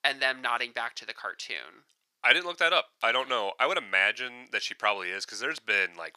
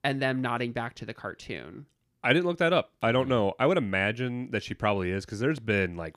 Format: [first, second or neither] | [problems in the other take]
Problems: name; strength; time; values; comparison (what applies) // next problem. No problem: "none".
second | thin; very; fading below 950 Hz